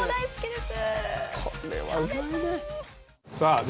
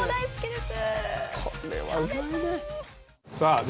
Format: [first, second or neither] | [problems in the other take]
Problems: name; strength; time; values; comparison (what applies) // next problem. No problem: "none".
first | background sound (Guitar); 19 dB below the speech